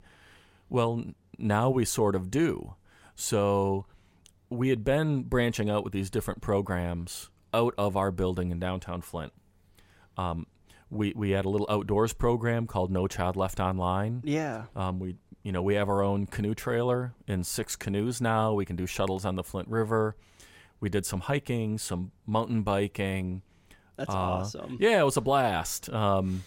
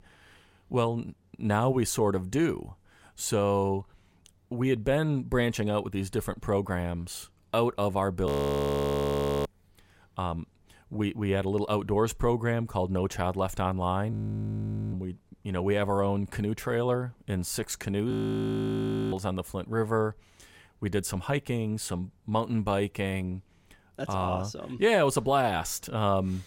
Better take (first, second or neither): first